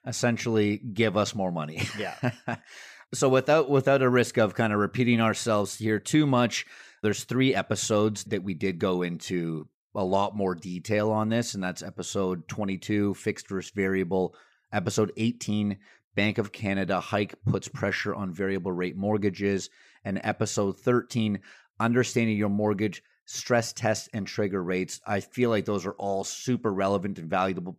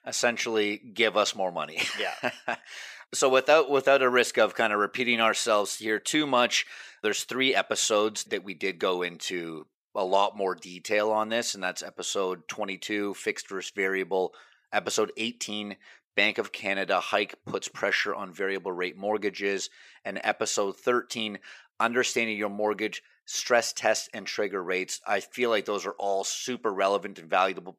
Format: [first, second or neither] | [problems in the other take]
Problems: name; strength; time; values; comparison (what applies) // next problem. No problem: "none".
first | thin; somewhat; fading below 450 Hz